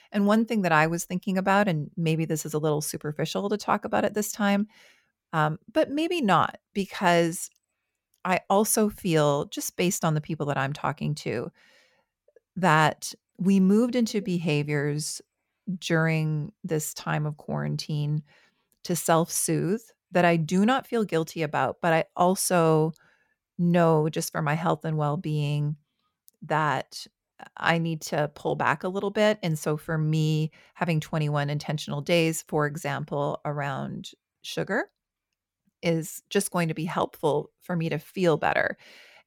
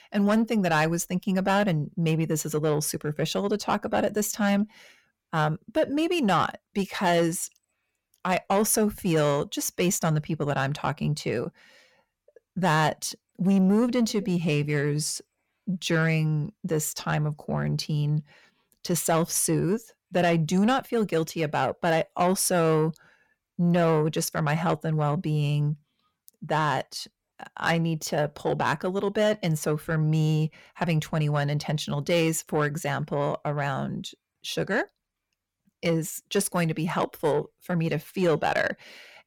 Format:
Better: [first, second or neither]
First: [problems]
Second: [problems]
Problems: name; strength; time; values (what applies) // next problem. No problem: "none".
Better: first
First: none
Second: distortion; slight; 10 dB below the speech